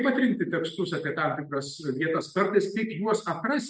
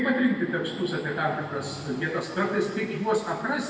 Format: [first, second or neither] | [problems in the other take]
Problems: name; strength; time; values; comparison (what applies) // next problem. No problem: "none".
first | background sound (Train); 15 dB below the speech // room echo; dies away in 2.2 s